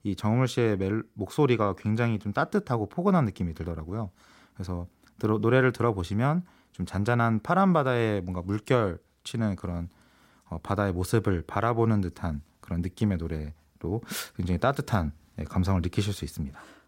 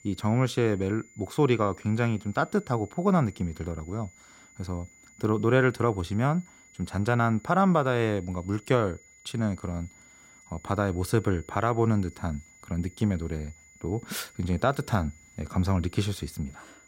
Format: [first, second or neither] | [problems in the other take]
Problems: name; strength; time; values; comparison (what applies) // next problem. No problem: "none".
first | high-pitched whine; faint; throughout; 2 kHz, 25 dB below the speech